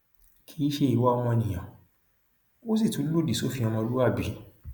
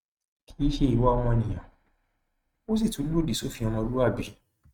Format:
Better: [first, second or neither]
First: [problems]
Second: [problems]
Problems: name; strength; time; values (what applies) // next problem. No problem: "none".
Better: first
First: none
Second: noise reduction (neural mask model RNNoise)